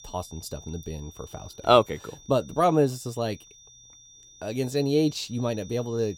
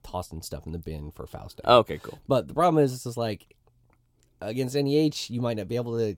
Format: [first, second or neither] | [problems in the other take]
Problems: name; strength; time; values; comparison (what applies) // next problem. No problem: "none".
second | high-pitched whine; faint; throughout; 6 kHz, 20 dB below the speech